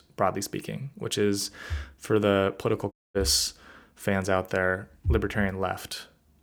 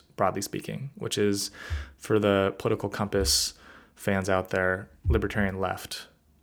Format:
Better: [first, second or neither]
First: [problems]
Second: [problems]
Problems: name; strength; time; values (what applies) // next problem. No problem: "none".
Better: second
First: audio cutting out; at 3 s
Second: none